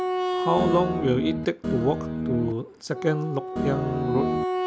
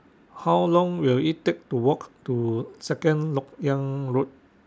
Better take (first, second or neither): second